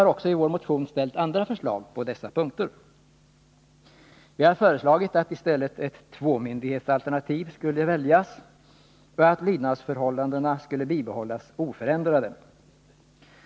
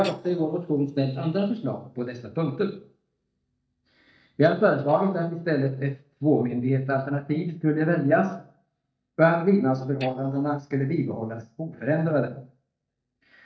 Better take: first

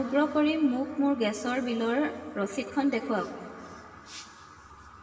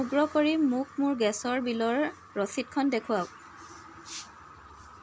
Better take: second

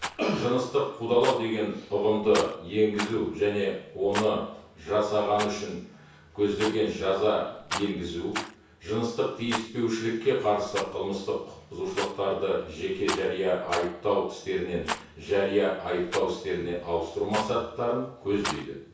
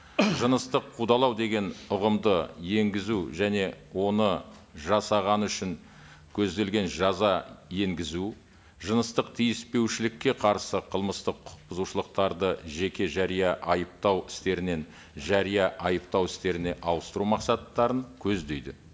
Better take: second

